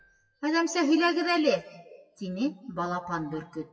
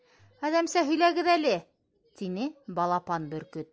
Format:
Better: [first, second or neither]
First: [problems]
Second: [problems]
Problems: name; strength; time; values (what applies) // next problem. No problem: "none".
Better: second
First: noise reduction (classical method WPE with log-MMSE)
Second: none